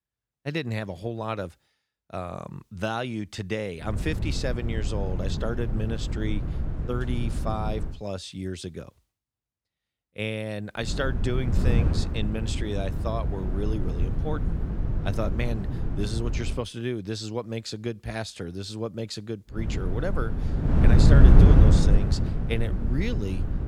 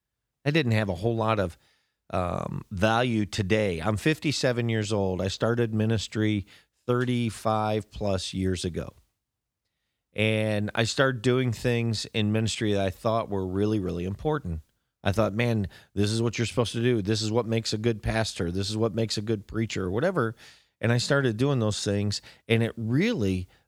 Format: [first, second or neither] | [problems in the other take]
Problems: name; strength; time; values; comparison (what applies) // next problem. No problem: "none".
second | wind noise on the microphone; heavy; from 4 to 8 s, from 11 to 17 s and from 20 s on; 3 dB below the speech